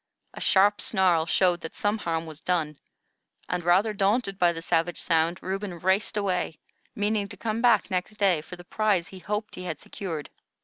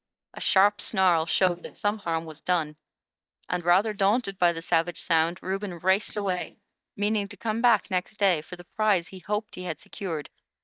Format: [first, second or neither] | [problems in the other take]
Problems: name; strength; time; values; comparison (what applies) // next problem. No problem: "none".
first | noise reduction (neural mask model DeepFilterNet 3)